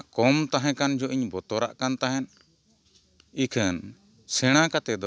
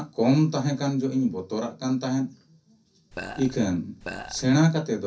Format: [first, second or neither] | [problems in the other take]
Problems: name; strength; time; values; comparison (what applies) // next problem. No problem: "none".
first | background sound (Burping, eructation); 12 dB below the speech // room echo; dies away in 0.3 s